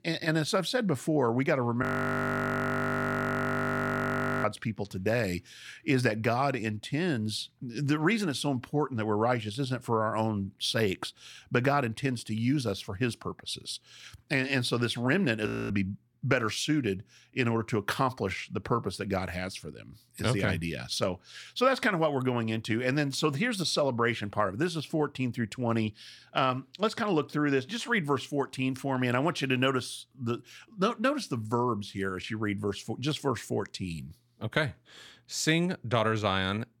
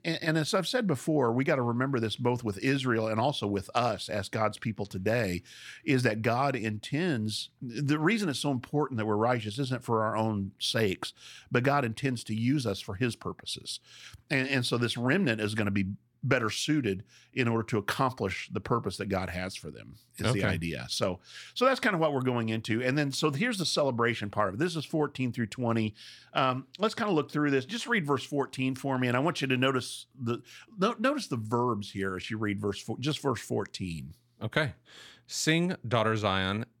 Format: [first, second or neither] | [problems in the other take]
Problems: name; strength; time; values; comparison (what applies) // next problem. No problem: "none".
second | audio freezing; at 2 s for 2.5 s and at 15 s